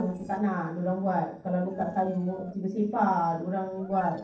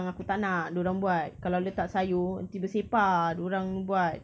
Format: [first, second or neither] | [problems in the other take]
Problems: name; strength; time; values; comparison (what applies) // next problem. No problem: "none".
second | noise reduction (neural separator model SepFormer DNS4)